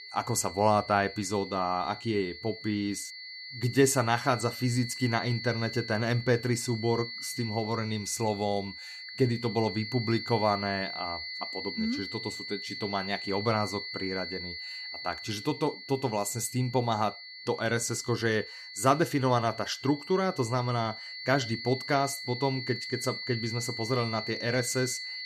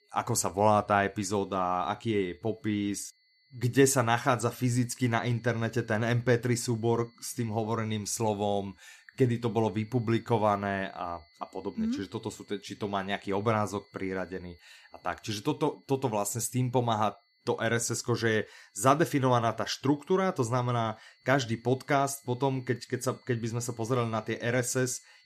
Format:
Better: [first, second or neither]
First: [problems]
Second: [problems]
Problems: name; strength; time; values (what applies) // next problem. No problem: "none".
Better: second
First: high-pitched whine; loud; throughout; 2 kHz, 8 dB below the speech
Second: high-pitched whine; faint; throughout; 2 kHz, 35 dB below the speech